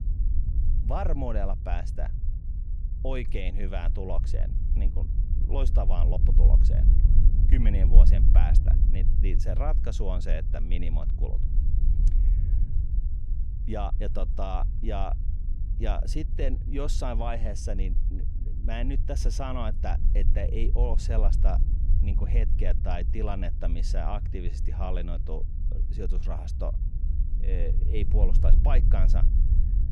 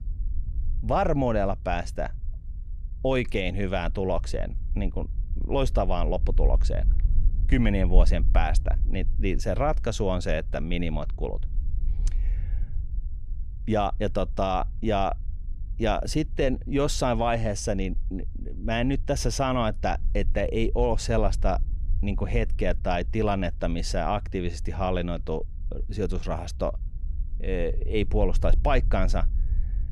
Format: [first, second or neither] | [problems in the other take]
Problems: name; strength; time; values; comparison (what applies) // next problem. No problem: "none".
second | low rumble; loud; throughout; 9 dB below the speech; faint in the second